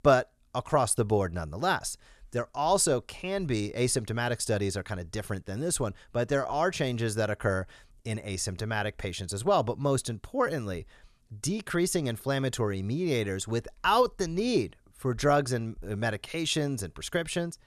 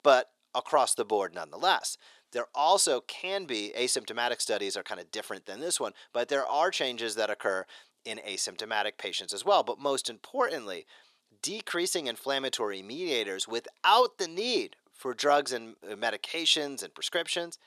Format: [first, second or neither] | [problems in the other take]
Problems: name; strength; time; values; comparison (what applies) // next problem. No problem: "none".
first | thin; somewhat; fading below 350 Hz